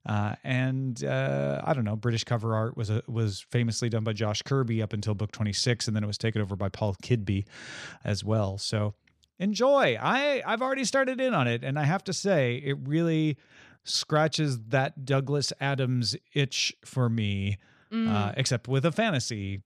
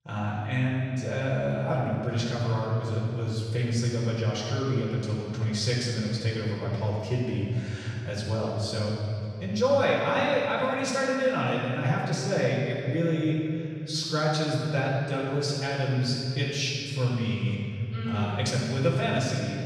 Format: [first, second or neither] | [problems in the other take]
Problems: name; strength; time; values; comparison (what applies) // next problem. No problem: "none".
first | off-mic speech; far // room echo; strong; dies away in 2.6 s